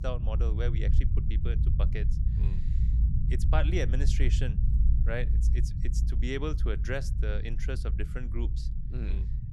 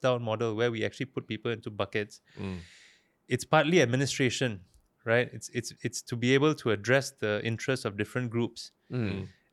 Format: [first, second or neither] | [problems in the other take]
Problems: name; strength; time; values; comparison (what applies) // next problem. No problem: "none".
second | low rumble; loud; throughout; 8 dB below the speech